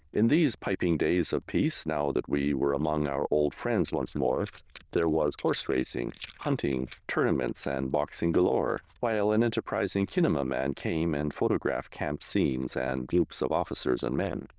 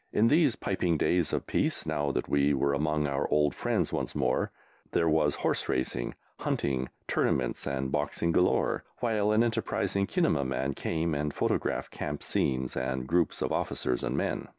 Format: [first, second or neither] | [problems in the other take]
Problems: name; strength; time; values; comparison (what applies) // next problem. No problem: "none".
second | noise reduction (neural diffusion model UNIVERSE++)